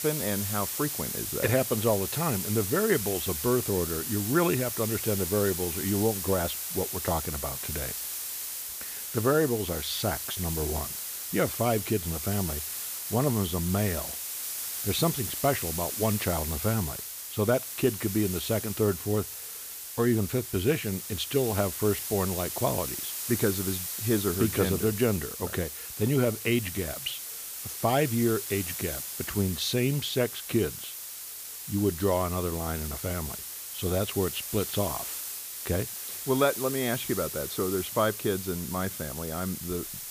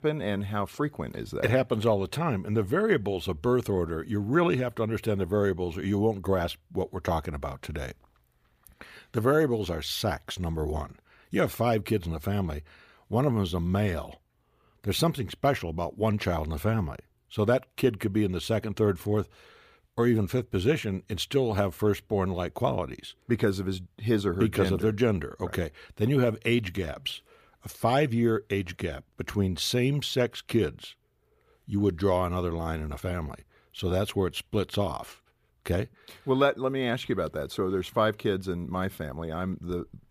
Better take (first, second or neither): second